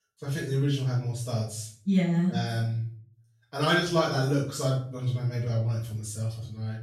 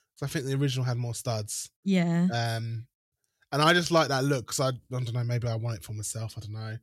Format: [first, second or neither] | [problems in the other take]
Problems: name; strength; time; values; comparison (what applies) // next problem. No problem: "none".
second | off-mic speech; far // room echo; noticeable; dies away in 0.4 s